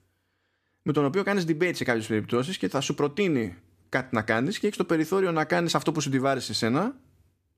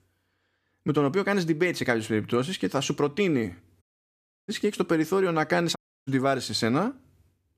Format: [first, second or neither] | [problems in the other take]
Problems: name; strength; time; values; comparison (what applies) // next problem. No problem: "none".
first | audio cutting out; at 4 s for 0.5 s and at 6 s